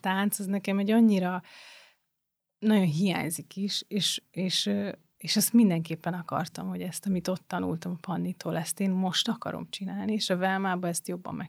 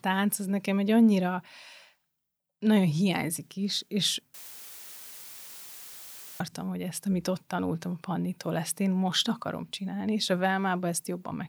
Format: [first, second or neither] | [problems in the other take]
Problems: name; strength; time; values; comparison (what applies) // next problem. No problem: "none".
first | audio cutting out; filled with static; at 4.5 s for 2 s